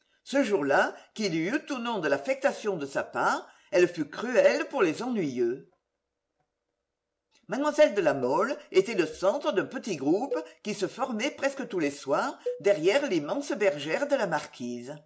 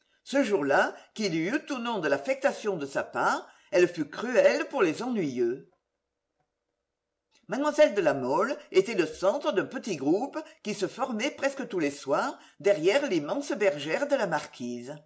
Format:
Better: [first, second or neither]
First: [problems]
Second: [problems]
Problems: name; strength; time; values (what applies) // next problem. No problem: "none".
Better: second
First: background sound (Cowbell); 14 dB below the speech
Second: none